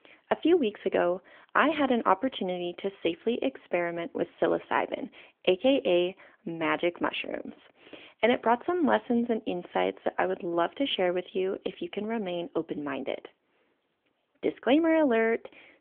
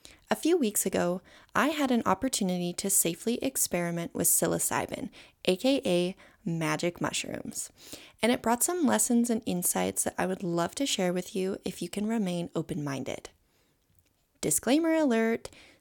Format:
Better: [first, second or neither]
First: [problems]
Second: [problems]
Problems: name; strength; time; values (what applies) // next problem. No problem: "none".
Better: second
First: phone-call audio; nothing above 3.5 kHz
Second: none